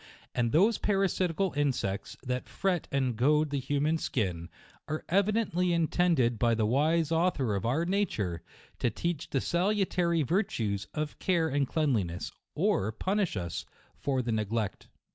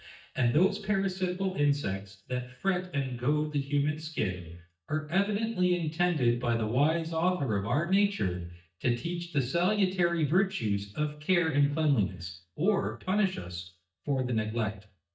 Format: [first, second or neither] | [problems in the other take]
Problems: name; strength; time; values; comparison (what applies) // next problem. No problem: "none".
first | noise reduction (neural mask model DeepFilterNet 3)